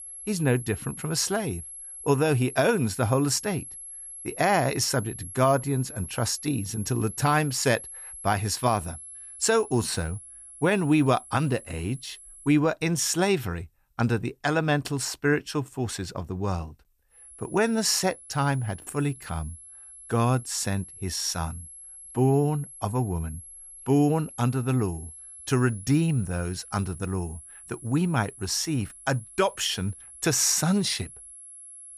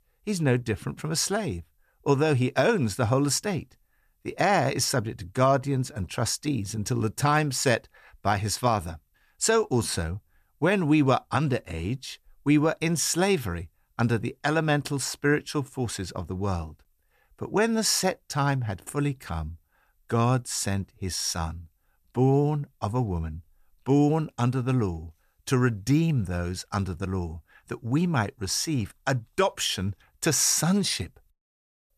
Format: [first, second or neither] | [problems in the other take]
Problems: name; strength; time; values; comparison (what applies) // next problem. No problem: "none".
second | high-pitched whine; noticeable; until 13 s and from 17 s on; 11 kHz, 15 dB below the speech